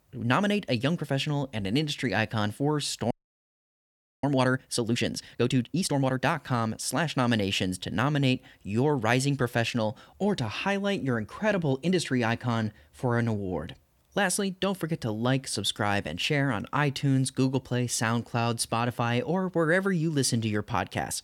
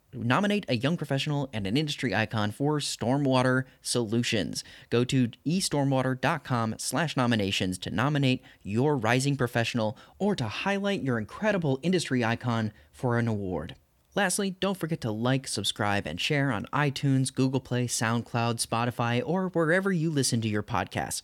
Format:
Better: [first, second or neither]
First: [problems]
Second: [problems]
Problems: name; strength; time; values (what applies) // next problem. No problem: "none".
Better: second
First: audio freezing; at 3 s for 1 s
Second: none